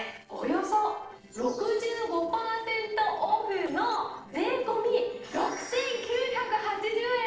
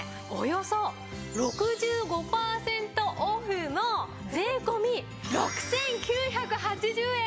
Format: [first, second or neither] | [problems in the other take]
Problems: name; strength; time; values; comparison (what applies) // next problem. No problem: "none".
second | noise reduction (neural separator model SepFormer DNS4)